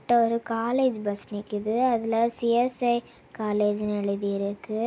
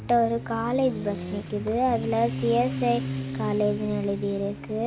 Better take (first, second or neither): first